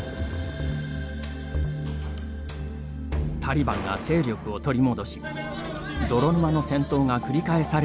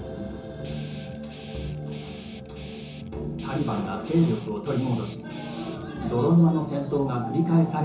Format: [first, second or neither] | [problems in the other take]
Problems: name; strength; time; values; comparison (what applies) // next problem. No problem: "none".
first | background sound (Guitar); 19 dB below the speech // room echo; dies away in 0.6 s